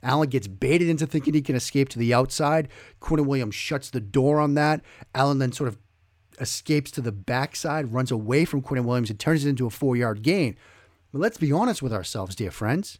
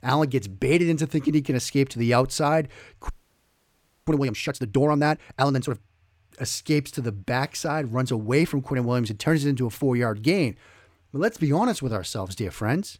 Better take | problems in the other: first | audio freezing; at 3 s for 1 s

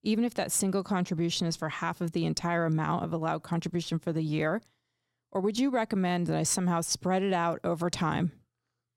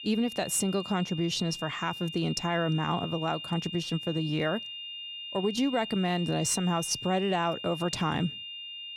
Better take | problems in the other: first | high-pitched whine; loud; throughout; 3 kHz, 8 dB below the speech

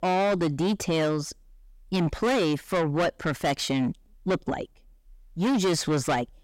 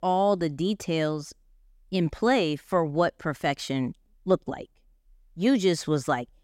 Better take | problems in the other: second | distortion; heavy; 6 dB below the speech

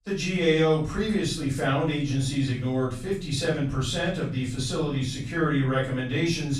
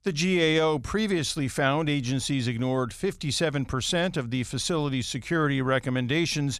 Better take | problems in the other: second | room echo; noticeable; dies away in 0.5 s // off-mic speech; far

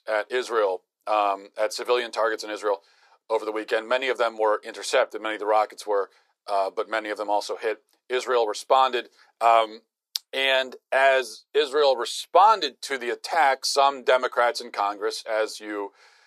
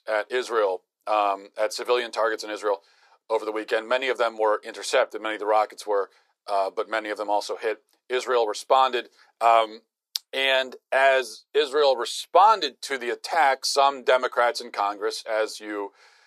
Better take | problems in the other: neither | thin; very; fading below 450 Hz; the same in both

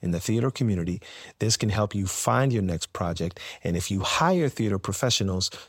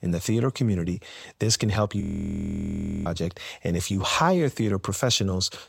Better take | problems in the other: first | audio freezing; at 2 s for 1 s

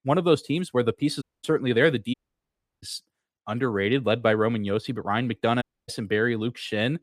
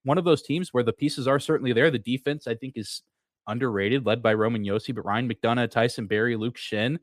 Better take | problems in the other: second | audio cutting out; at 1 s, at 2 s for 0.5 s and at 5.5 s

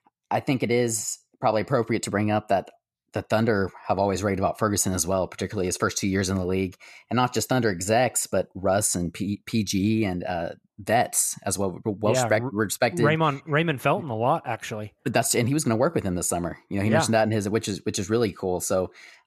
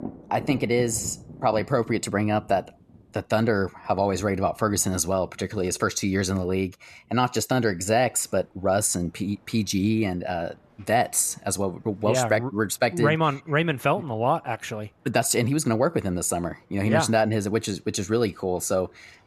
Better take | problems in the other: first | rain or running water; faint; throughout; 20 dB below the speech

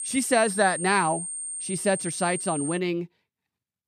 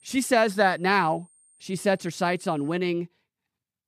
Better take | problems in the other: second | high-pitched whine; loud; until 3 s; 8.5 kHz, 5 dB below the speech; faint in the second

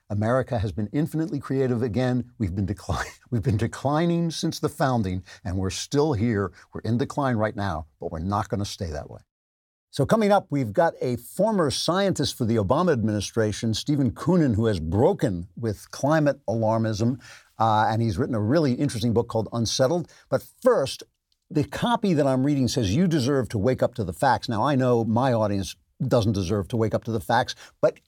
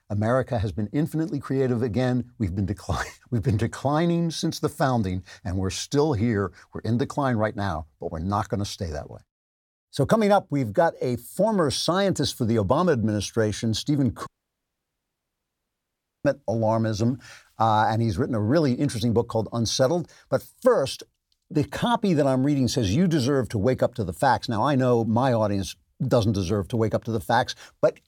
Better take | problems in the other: first | audio cutting out; at 14 s for 2 s

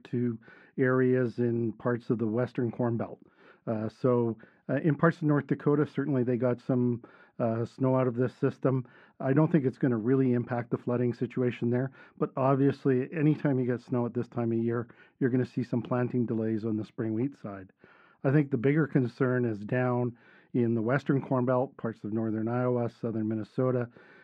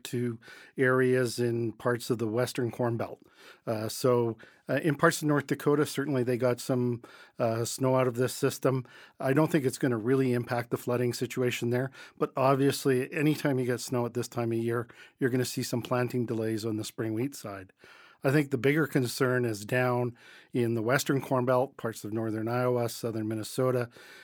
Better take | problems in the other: second | muffled; very; fading above 2 kHz

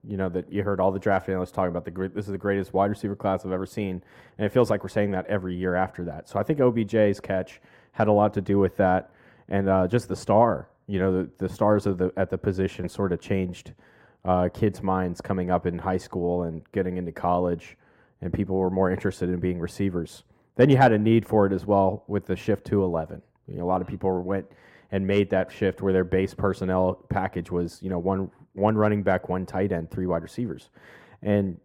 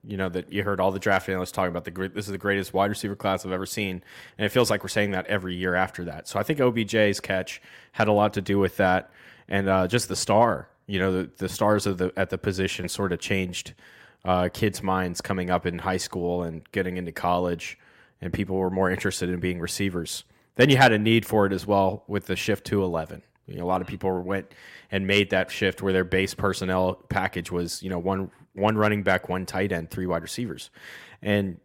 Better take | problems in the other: second | muffled; slightly; fading above 1.5 kHz

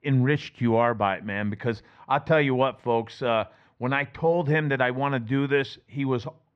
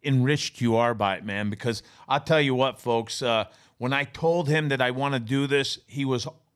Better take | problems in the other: second | muffled; very; fading above 2 kHz

